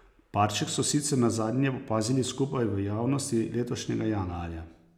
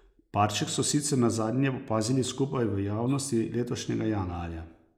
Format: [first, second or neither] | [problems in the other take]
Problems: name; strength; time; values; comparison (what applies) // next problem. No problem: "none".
first | noise reduction (neural mask model Resemble Enhance denoiser)